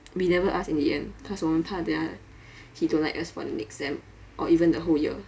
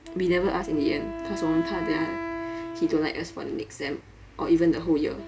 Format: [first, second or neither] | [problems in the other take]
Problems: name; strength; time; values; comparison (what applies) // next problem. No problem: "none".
first | background sound (Wind instrument, woodwind instrument); 9 dB below the speech